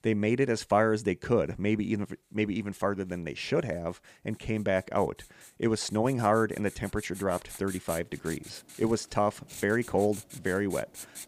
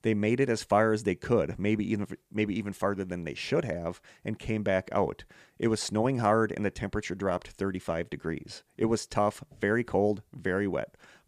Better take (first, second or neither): second